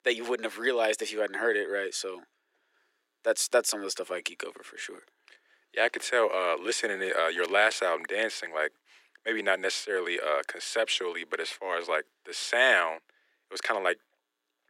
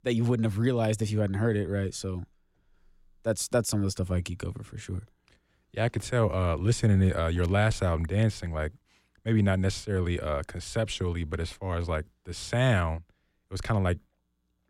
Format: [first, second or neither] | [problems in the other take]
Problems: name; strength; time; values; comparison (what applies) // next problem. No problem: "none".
second | thin; very; fading below 350 Hz